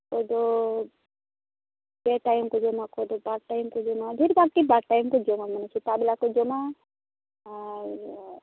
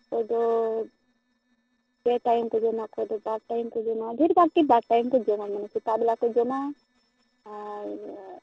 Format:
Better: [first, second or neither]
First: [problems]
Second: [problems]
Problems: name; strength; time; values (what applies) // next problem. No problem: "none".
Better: first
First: none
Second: noise reduction (neural separator model SepFormer DNS4)